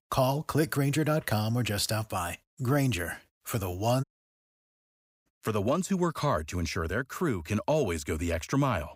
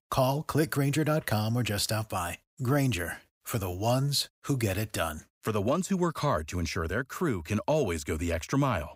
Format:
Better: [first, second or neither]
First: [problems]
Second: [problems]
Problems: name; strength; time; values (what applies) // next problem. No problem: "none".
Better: second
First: audio cutting out; at 4 s for 1 s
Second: none